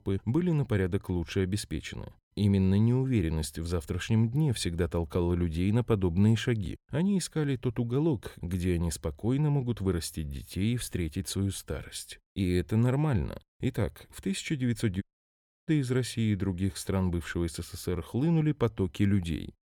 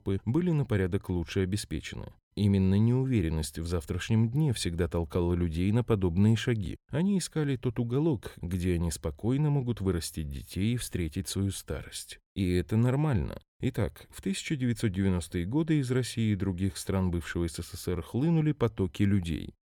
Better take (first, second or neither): second